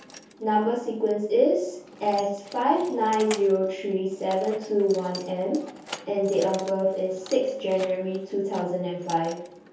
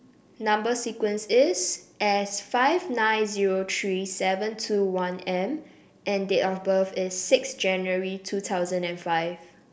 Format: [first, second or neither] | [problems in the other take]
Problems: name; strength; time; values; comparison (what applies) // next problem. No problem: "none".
second | background sound (Keys jangling); 19 dB below the speech // room echo; dies away in 0.6 s